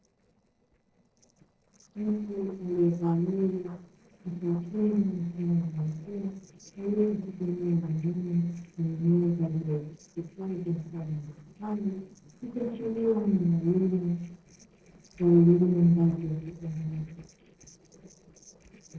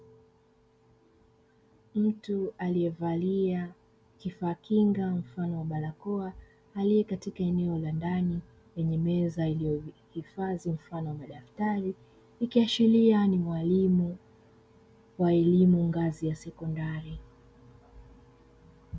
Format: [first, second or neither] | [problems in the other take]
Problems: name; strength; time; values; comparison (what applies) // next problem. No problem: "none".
second | noise reduction (neural separator model SepFormer DNS4)